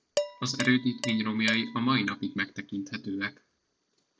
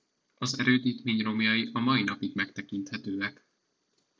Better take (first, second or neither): second